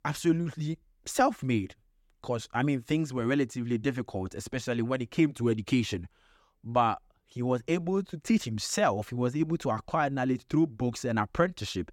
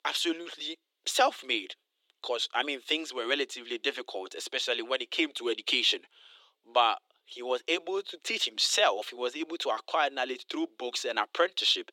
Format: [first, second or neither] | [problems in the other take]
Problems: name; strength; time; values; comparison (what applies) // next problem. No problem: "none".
first | thin; very; fading below 350 Hz